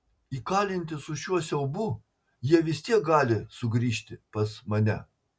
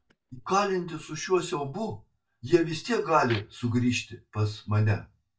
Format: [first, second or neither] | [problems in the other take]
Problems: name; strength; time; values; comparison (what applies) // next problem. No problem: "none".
first | noise reduction (neural mask model DeepFilterNet 3)